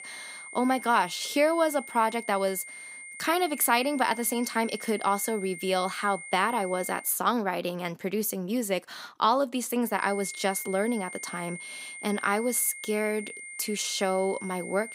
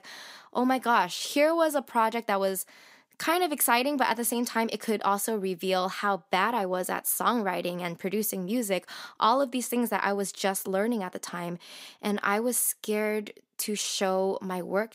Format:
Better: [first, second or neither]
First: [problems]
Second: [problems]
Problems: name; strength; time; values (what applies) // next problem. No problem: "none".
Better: second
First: high-pitched whine; noticeable; until 7 s and from 10 s on; 2 kHz, 10 dB below the speech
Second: none